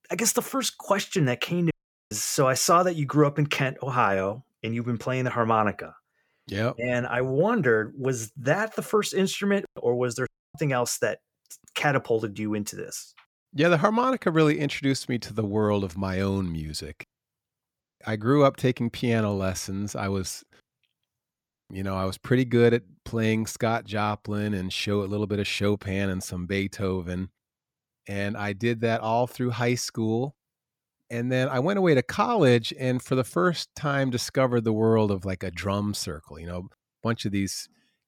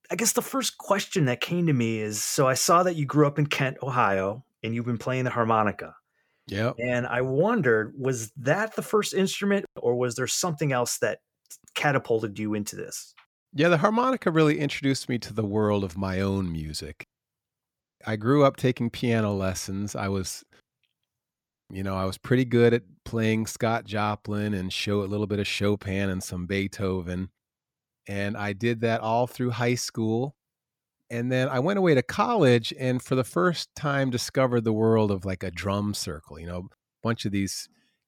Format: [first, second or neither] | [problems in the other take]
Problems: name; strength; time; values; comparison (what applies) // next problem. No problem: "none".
second | audio cutting out; at 1.5 s and at 10 s